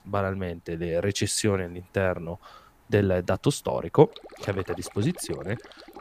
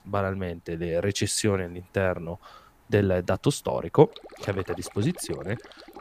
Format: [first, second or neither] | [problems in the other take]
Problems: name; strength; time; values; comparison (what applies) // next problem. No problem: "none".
neither | rain or running water; noticeable; throughout; 15 dB below the speech; the same in both